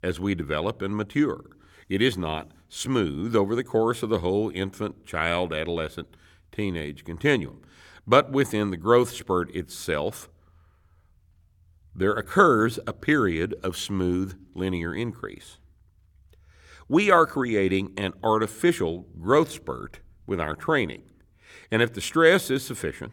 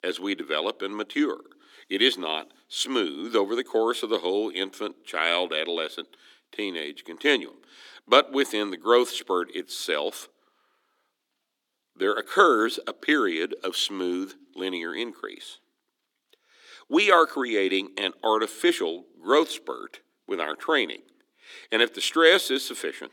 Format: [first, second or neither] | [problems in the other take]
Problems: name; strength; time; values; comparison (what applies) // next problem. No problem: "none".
first | thin; very slightly; fading below 250 Hz